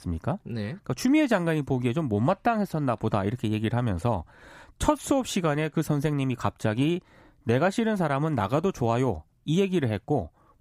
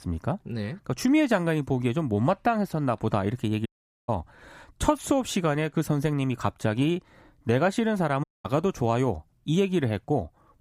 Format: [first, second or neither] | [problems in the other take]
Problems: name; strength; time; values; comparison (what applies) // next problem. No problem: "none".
first | audio cutting out; at 3.5 s and at 8 s